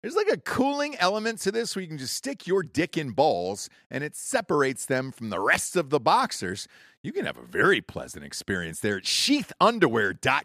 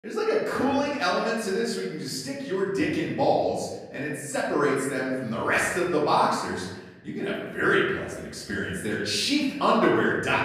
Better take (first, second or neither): first